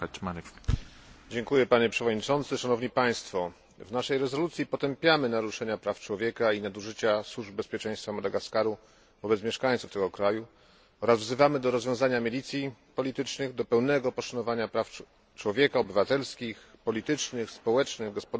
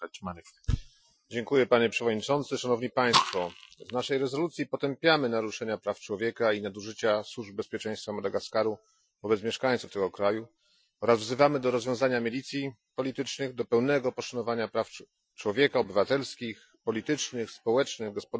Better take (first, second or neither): first